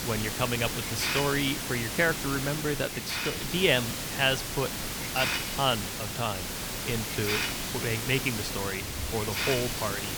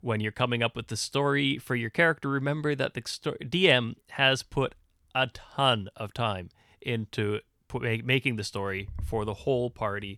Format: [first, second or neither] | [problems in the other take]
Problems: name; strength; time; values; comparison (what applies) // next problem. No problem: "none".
second | hiss; loud; throughout; 1 dB below the speech